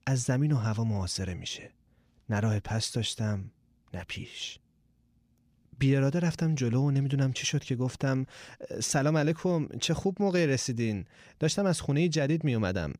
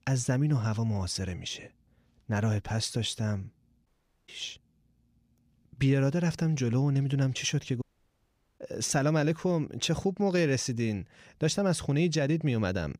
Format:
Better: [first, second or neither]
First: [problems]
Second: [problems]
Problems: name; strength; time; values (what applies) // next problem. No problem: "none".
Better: first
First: none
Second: audio cutting out; at 4 s and at 8 s for 1 s